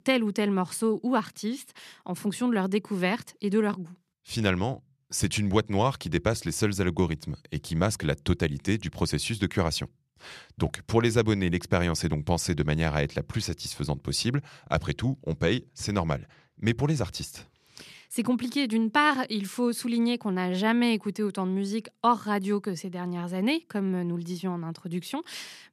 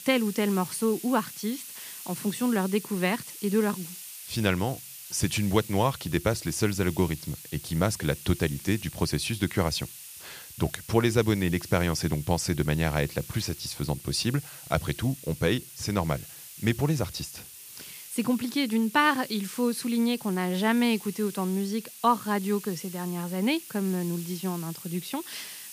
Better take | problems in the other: first | hiss; noticeable; throughout; 15 dB below the speech

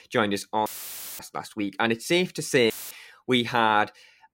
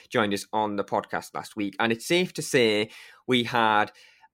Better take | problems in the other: second | audio cutting out; filled with static; at 0.5 s for 0.5 s and at 2.5 s

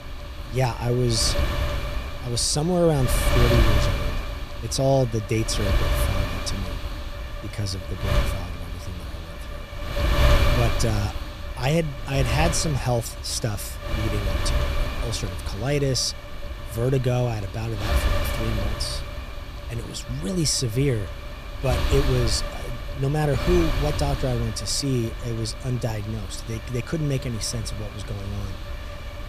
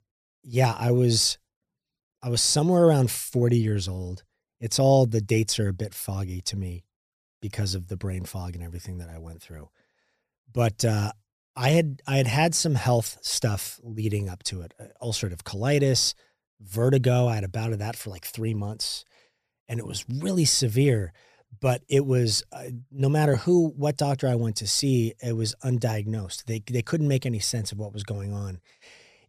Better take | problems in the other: second | wind noise on the microphone; heavy; 4 dB below the speech

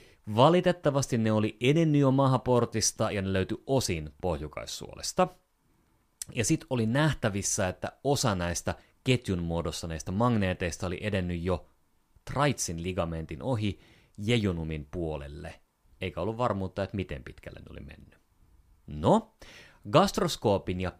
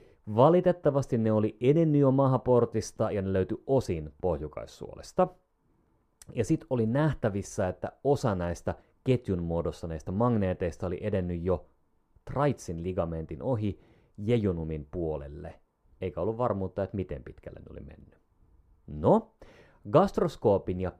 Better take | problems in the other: first | muffled; slightly; fading above 2 kHz

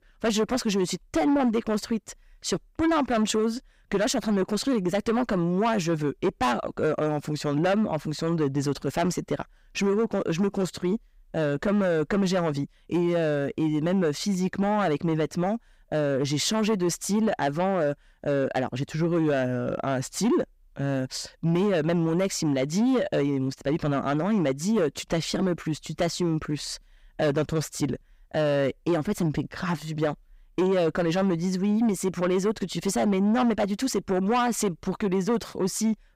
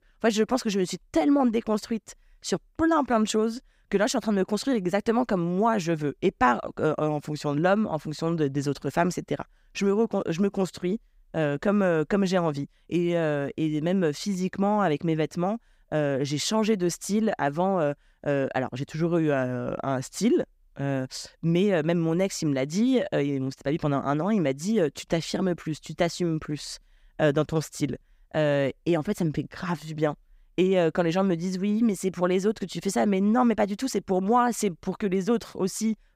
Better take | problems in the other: second | distortion; slight; 10 dB below the speech

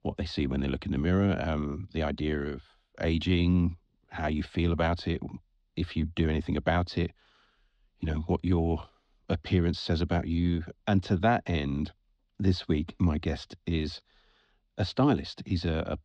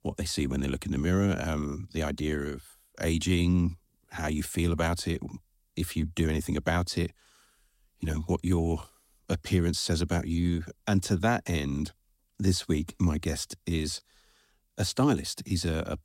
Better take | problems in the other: second | muffled; slightly; fading above 4 kHz

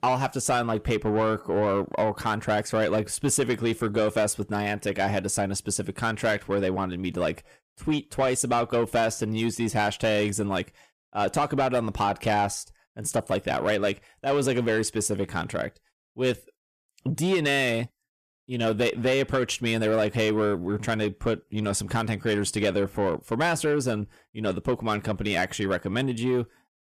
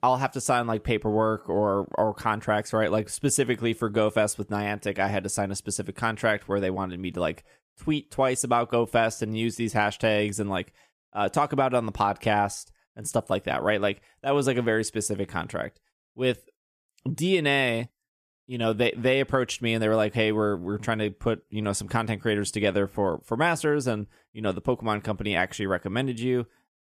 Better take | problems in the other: second | distortion; slight; 10 dB below the speech

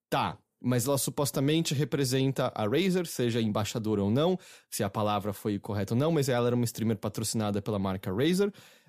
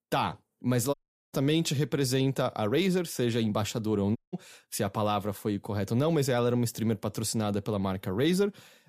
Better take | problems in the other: first | audio cutting out; at 1 s and at 4 s

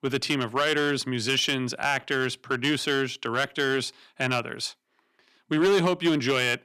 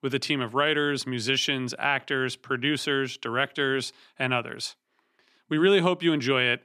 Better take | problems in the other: second | distortion; slight; 5% of the sound clipped

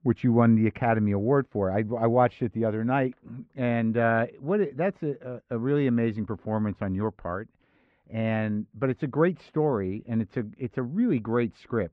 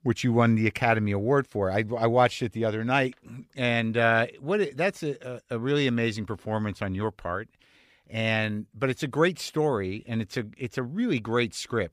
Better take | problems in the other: second | muffled; very; fading above 1.5 kHz

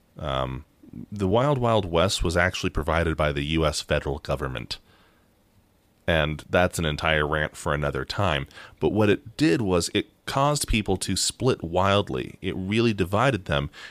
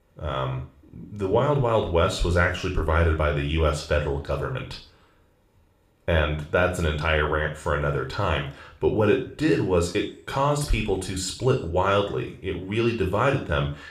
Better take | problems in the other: first | room echo; slight; dies away in 0.4 s // off-mic speech; somewhat distant

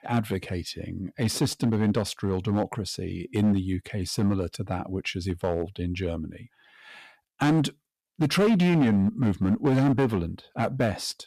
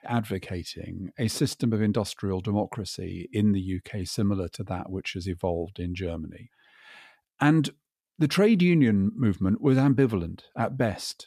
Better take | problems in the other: second | distortion; slight; 6% of the sound clipped

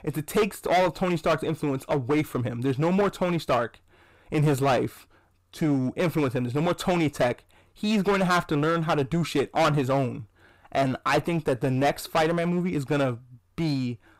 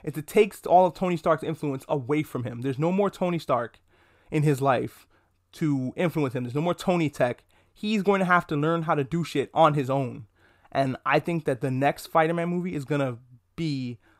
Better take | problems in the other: second | distortion; heavy; 12% of the sound clipped

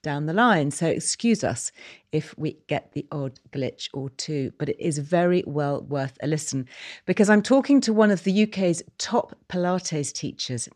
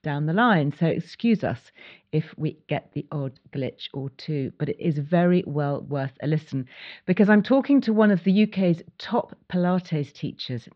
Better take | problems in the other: first | muffled; very slightly; fading above 4 kHz

